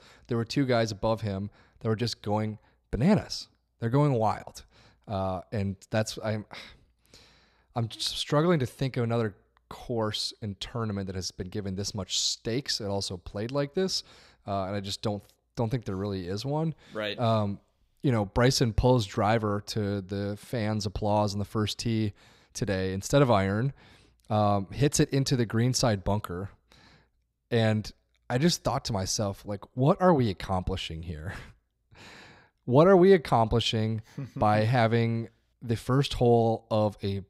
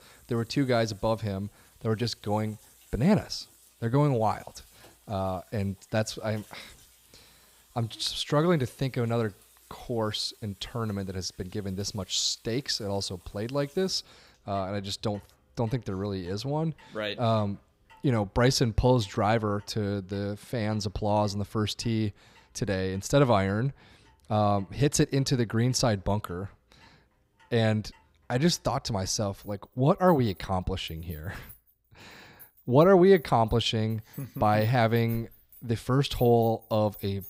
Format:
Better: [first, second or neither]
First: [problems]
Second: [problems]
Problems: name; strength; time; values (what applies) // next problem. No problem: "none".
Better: first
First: none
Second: household noises; faint; throughout; 25 dB below the speech